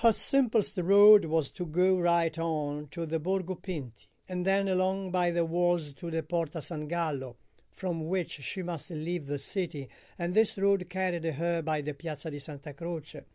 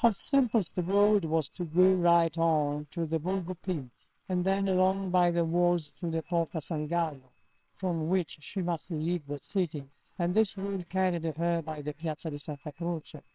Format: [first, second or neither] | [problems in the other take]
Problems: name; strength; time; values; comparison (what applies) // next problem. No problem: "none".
first | noise reduction (neural separator model SepFormer WHAMR!)